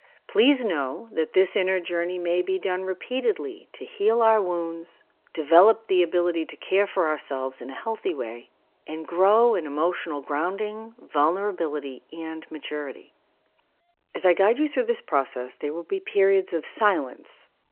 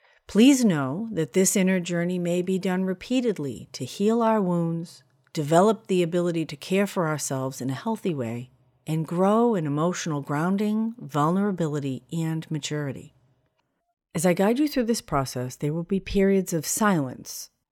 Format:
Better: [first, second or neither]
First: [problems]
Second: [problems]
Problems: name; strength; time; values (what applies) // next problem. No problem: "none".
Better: second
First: phone-call audio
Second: none